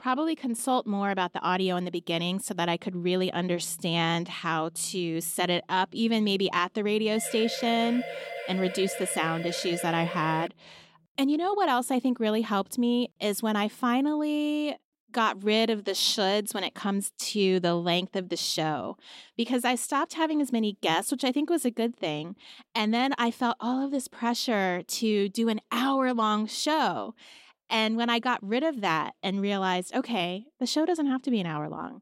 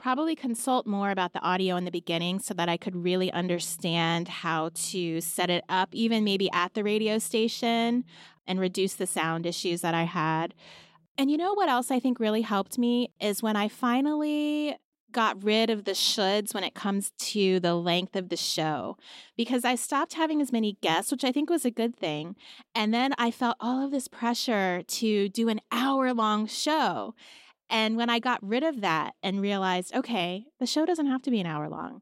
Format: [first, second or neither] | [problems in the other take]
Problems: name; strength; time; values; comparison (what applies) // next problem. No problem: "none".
second | siren; noticeable; from 7 to 10 s; peak 9 dB below the speech